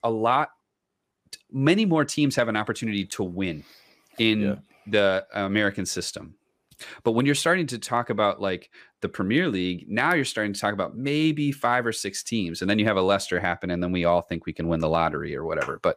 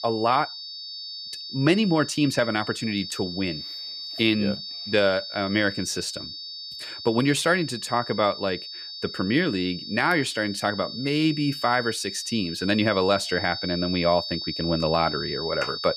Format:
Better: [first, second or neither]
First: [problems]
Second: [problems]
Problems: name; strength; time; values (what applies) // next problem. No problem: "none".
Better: first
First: none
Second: high-pitched whine; loud; throughout; 4.5 kHz, 8 dB below the speech